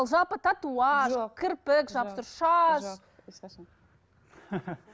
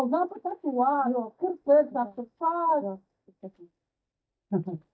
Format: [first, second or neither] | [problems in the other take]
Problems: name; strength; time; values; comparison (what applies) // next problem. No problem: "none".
first | noise reduction (neural mask model DeepFilterNet 3)